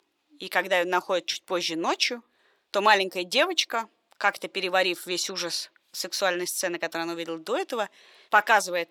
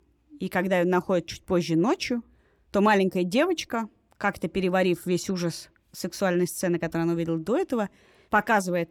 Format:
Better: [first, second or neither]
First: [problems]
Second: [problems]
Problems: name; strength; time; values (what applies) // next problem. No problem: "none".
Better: second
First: thin; very; fading below 600 Hz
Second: none